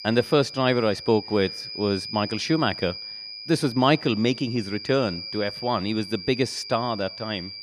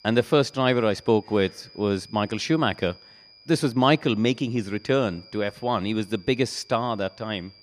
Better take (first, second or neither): second